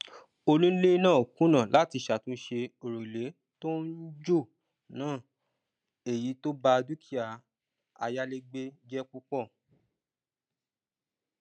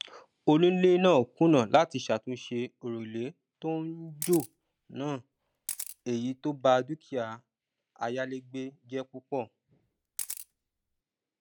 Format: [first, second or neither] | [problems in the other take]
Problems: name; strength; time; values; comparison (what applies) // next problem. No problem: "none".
first | background sound (Camera); 13 dB below the speech